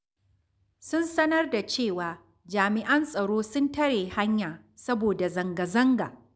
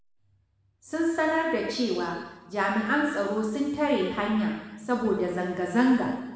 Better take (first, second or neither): first